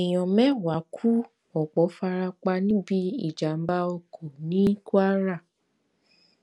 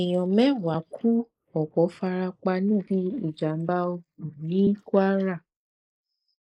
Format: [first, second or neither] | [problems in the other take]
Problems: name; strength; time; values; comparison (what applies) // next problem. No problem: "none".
first | noise reduction (neural mask model Resemble Enhance denoiser)